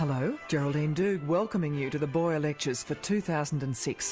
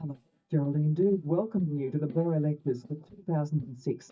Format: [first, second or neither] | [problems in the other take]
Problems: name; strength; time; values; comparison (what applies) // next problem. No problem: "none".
first | noise reduction (neural mask model DeepFilterNet 3)